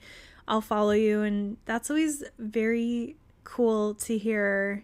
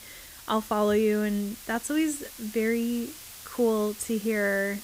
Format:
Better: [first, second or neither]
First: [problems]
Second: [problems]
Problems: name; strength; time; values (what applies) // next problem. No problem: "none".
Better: first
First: none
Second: hiss; noticeable; throughout; 15 dB below the speech